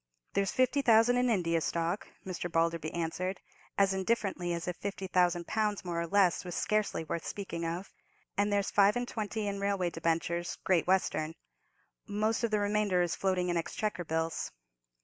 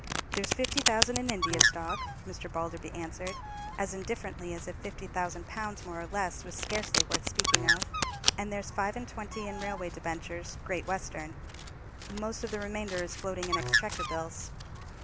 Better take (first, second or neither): first